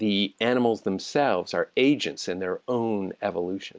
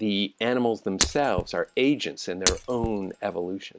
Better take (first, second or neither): first